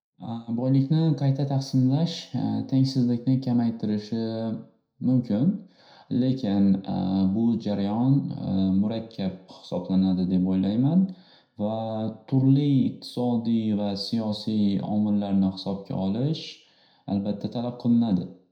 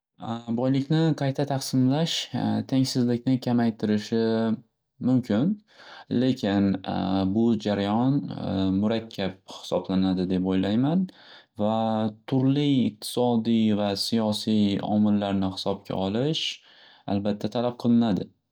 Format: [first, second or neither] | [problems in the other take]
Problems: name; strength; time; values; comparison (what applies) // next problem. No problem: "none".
second | room echo; dies away in 0.5 s